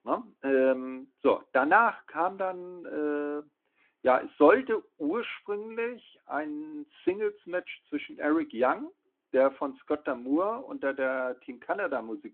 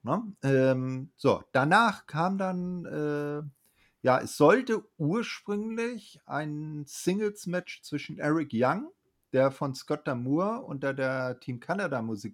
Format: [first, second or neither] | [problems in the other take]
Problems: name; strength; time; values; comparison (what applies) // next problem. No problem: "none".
second | phone-call audio